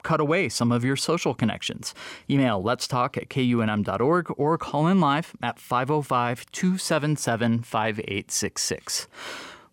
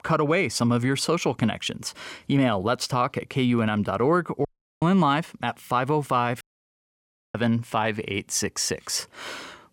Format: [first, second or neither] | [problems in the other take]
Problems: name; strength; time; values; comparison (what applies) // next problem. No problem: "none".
first | audio cutting out; at 4.5 s and at 6.5 s for 1 s